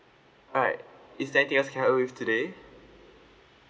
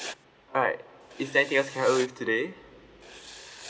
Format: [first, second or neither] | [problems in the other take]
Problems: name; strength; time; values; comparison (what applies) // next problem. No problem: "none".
first | background sound (Writing); 15 dB below the speech